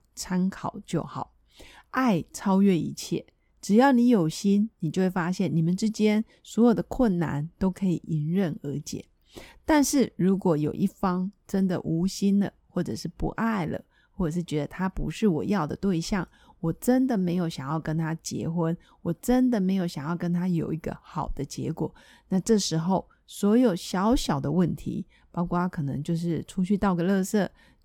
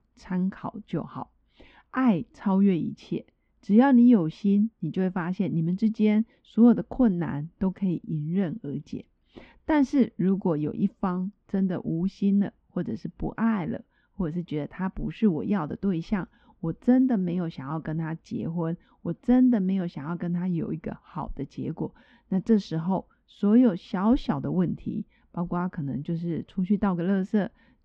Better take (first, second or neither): first